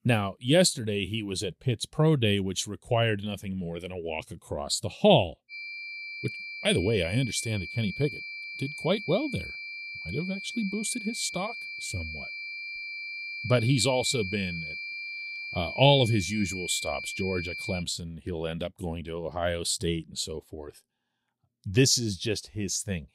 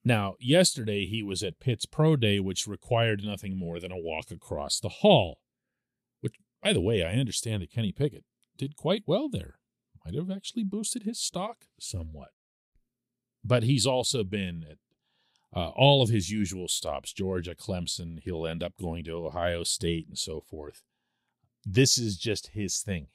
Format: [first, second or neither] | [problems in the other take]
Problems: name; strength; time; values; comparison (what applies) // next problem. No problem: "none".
second | high-pitched whine; loud; from 5.5 to 18 s; 2.5 kHz, 7 dB below the speech